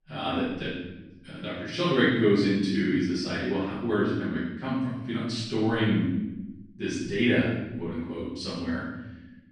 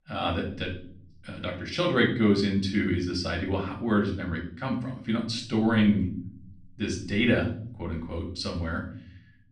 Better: second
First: room echo; strong; dies away in 0.9 s // off-mic speech; far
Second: room echo; slight; dies away in 0.5 s // off-mic speech; somewhat distant

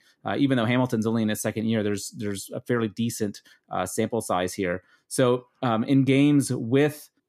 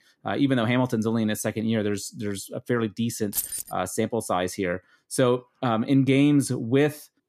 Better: first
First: none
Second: jangling keys; noticeable; at 3.5 s; peak 3 dB below the speech

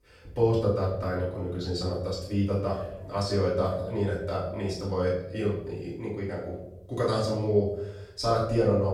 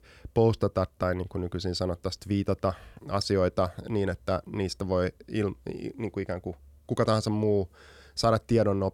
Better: second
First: off-mic speech; far // room echo; noticeable; dies away in 0.7 s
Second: none

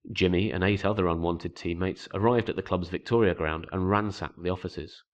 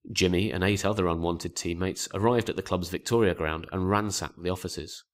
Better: second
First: muffled; slightly; fading above 3.5 kHz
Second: none

